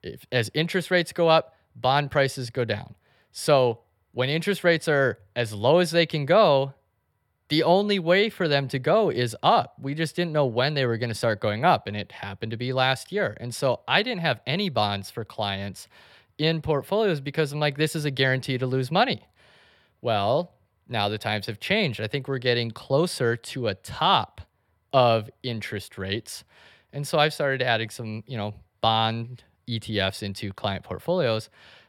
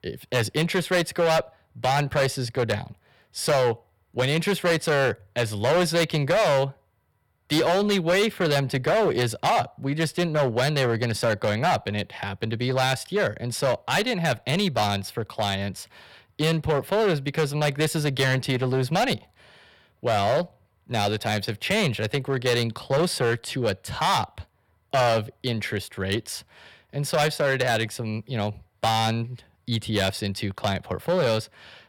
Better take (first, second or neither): first